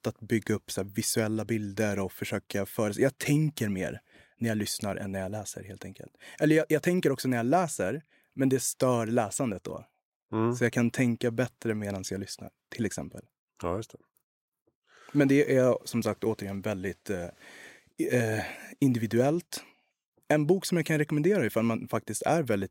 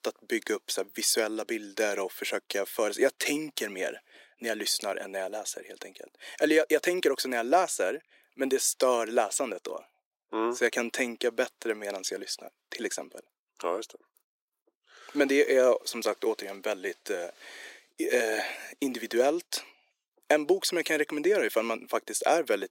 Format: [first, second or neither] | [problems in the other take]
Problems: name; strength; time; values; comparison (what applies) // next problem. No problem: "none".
first | thin; somewhat; fading below 350 Hz